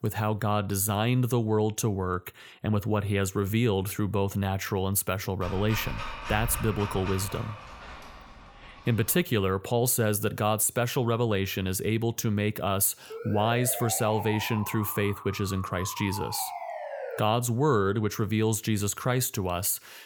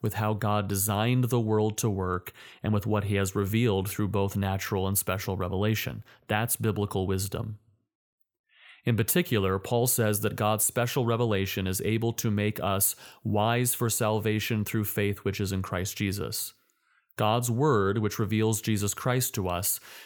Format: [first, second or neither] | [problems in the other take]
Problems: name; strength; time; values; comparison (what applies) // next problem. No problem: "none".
second | dog barking; noticeable; from 5.5 to 9 s; peak 7 dB below the speech // siren; noticeable; from 13 to 17 s; peak 9 dB below the speech